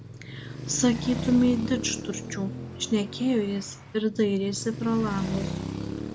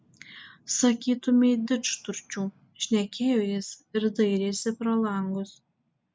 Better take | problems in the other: second | background sound (Traffic noise, roadway noise); 7 dB below the speech

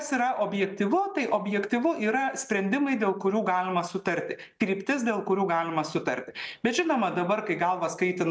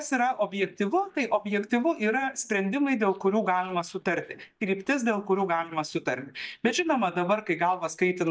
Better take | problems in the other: first | noise reduction (neural mask model DeepFilterNet 3)

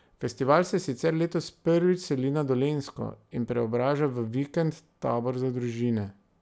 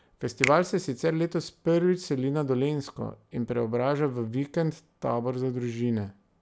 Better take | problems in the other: first | background sound (Finger snapping); 10 dB below the speech

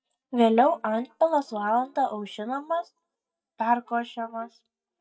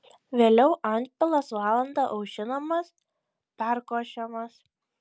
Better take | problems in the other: second | noise reduction (neural mask model DeepFilterNet 3)

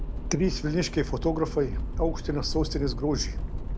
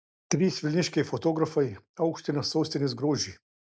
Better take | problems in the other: second | background sound (Accelerating, revving, vroom); 3 dB below the speech

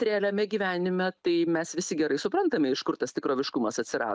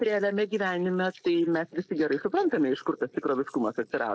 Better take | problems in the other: first | noise reduction (neural mask model Resemble Enhance denoiser)

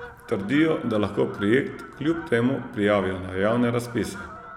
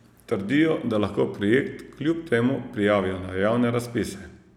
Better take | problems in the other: second | background sound (Fowl); 17 dB below the speech

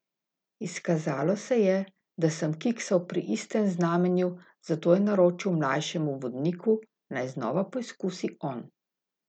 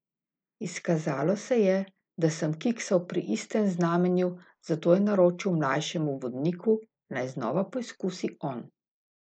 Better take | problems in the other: first | noise reduction (neural mask model Resemble Enhance denoiser)

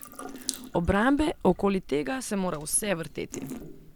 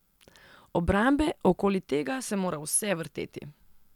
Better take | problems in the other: second | background sound (Drip / Sink (filling or washing) / Water tap, faucet); 13 dB below the speech

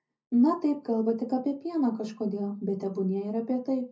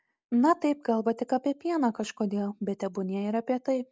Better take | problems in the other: second | room echo; dies away in 0.4 s

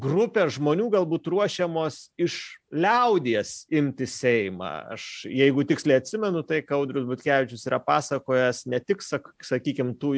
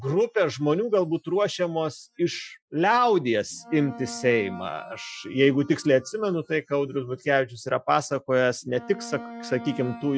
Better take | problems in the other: first | noise reduction (classical method Wiener filter)

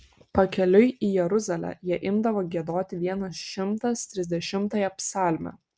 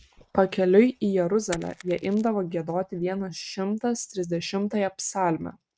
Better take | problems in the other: first | noise reduction (neural mask model RNNoise)

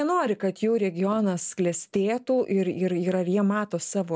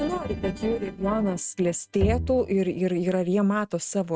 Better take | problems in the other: first | noise reduction (neural mask model RNNoise)

